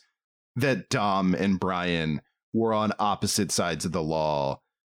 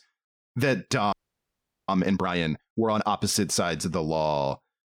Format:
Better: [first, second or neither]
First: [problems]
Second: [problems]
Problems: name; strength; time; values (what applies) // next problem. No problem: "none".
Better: first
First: none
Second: audio freezing; at 1 s for 1 s